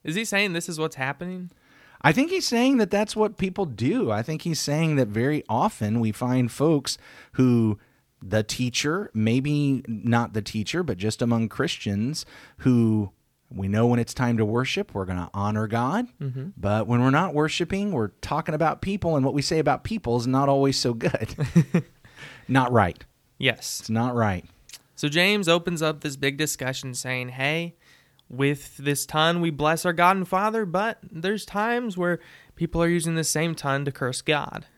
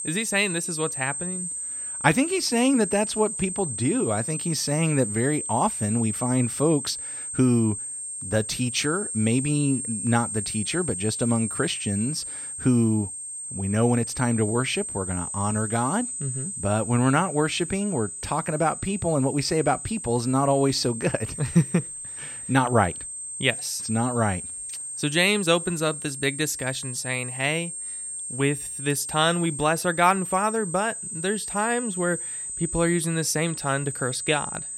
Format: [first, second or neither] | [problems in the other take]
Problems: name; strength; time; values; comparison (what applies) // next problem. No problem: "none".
first | high-pitched whine; loud; throughout; 8.5 kHz, 5 dB below the speech